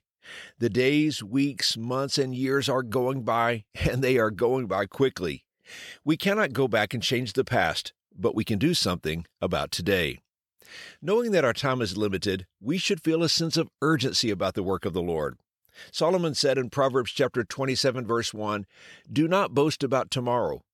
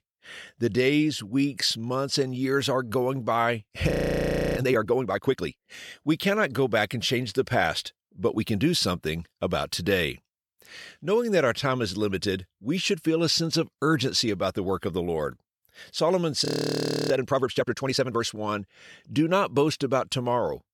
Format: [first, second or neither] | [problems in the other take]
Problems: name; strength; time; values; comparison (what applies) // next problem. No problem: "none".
first | audio freezing; at 4 s for 0.5 s and at 16 s for 0.5 s